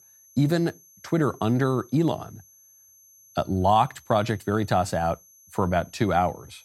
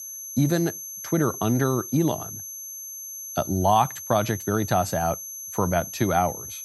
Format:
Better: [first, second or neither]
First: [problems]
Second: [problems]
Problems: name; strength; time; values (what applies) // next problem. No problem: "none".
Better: first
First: high-pitched whine; faint; throughout; 6 kHz, 25 dB below the speech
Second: high-pitched whine; loud; throughout; 6 kHz, 9 dB below the speech